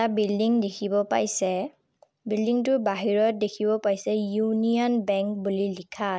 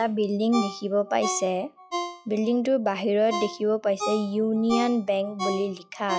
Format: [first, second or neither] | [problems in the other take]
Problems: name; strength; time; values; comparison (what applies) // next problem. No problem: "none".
first | noise reduction (classical method log-MMSE)